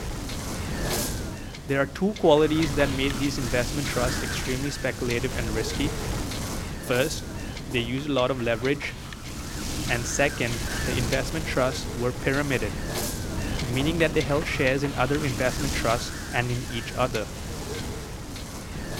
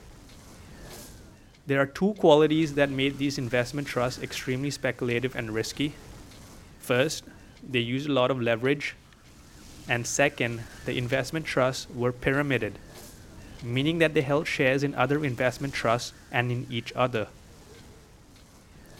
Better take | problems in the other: second | wind noise on the microphone; heavy; 7 dB below the speech; occasional gusts in the second

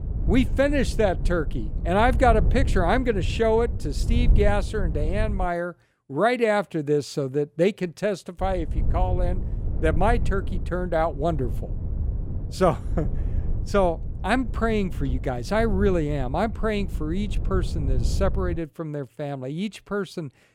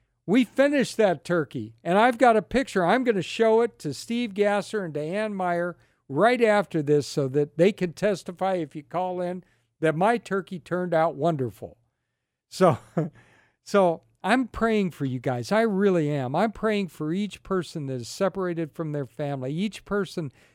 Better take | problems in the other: second | wind noise on the microphone; occasional gusts; until 5.5 s and from 8.5 to 19 s; 20 dB below the speech

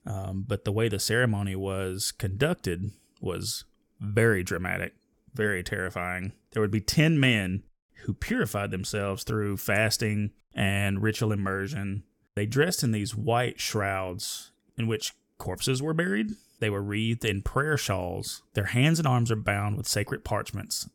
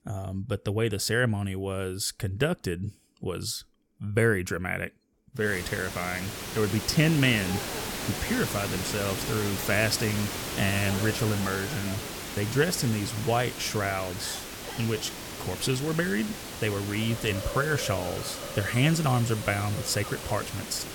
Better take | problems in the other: first | hiss; loud; from 5.5 s on; 6 dB below the speech

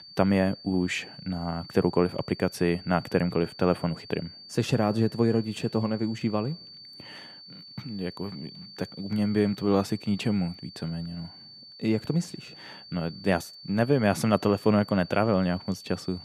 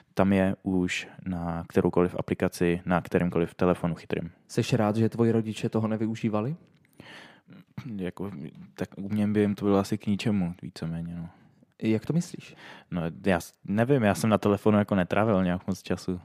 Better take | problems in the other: second | high-pitched whine; noticeable; throughout; 4.5 kHz, 15 dB below the speech

